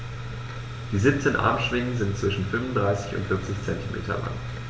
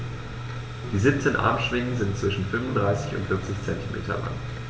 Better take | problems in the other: first | background sound (Piano); 13 dB below the speech

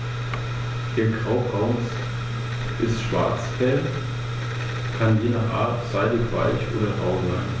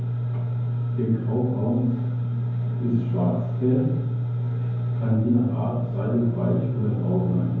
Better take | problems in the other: first | room echo; dies away in 0.9 s

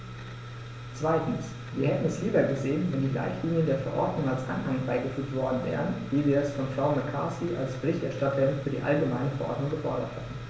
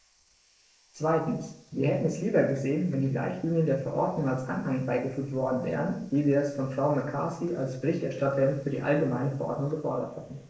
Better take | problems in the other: first | noise reduction (neural mask model Resemble Enhance denoiser)

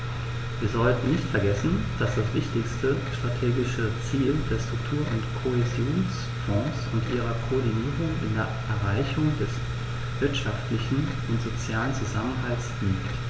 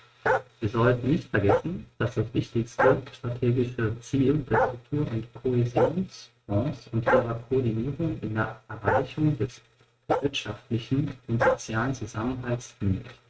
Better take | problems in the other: first | noise reduction (neural mask model RNNoise)

